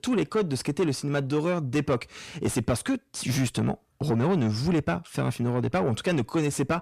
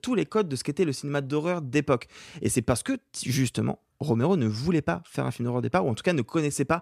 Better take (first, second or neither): second